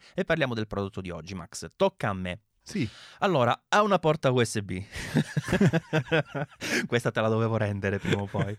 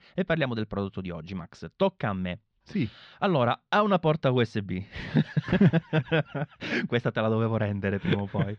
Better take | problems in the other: first | muffled; slightly; fading above 4 kHz

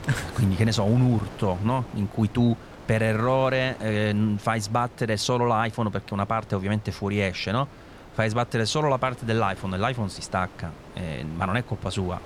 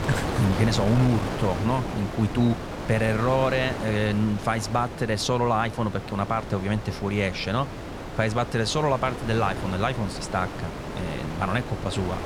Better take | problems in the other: first | wind noise on the microphone; heavy; 7 dB below the speech; occasional gusts in the first

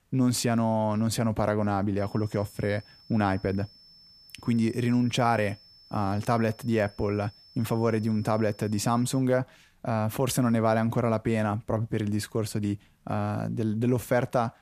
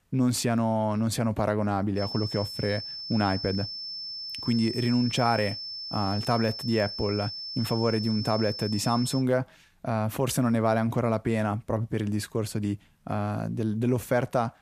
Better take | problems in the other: first | high-pitched whine; loud; from 2 to 9 s; 5.5 kHz, 7 dB below the speech; faint in the first

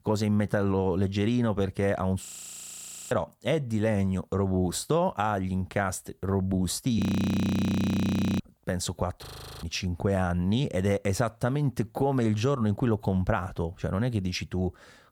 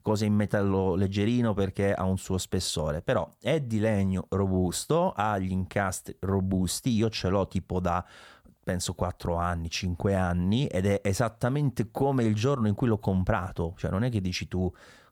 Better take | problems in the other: second | audio freezing; at 2.5 s for 1 s, at 7 s for 1.5 s and at 9.5 s

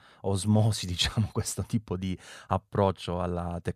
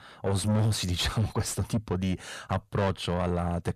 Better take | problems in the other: first | distortion; heavy; 7 dB below the speech

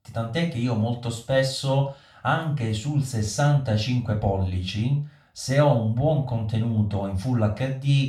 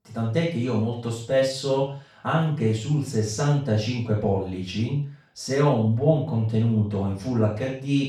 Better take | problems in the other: first | room echo; strong; dies away in 0.4 s; slight in the first // off-mic speech; far; far in the first

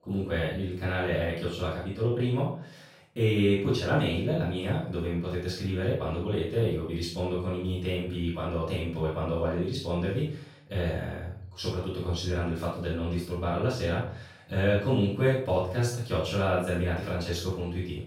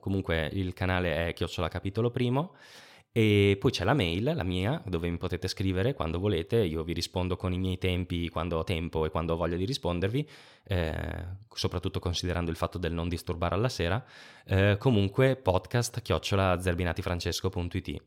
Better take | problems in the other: second | off-mic speech; far // room echo; noticeable; dies away in 0.5 s

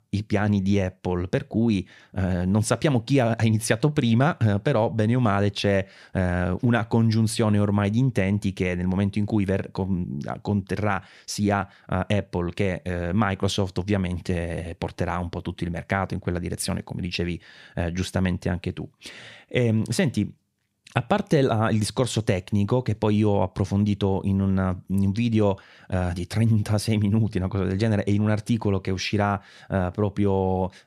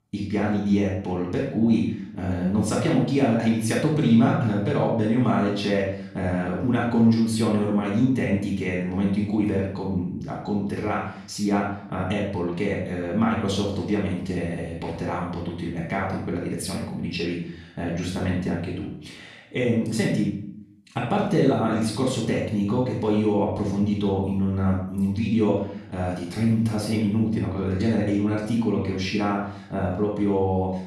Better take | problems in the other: first | off-mic speech; far // room echo; noticeable; dies away in 0.6 s

